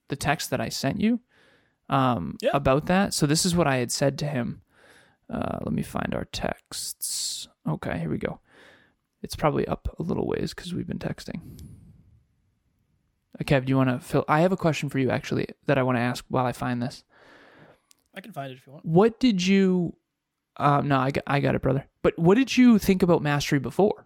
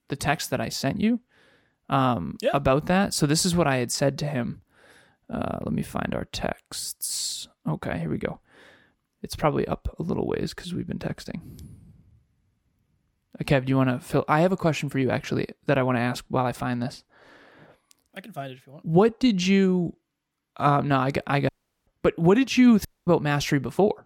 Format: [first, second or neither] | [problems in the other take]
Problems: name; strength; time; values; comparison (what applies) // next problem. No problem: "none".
first | audio cutting out; at 21 s and at 23 s